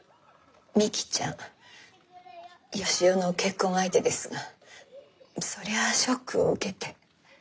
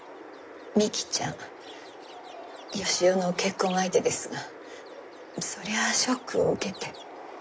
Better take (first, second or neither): first